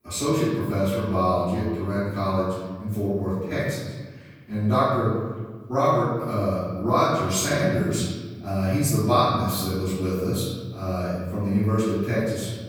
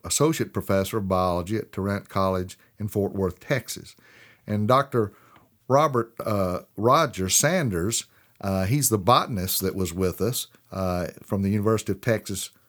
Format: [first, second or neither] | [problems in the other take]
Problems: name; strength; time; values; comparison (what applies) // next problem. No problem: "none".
second | room echo; strong; dies away in 1.4 s // off-mic speech; far